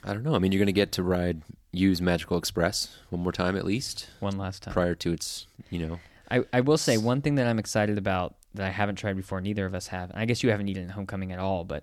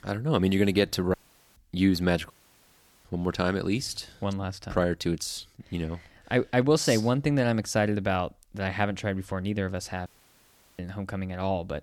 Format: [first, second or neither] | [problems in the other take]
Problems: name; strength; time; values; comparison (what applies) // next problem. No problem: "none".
first | audio cutting out; at 1 s, at 2.5 s for 1 s and at 10 s for 0.5 s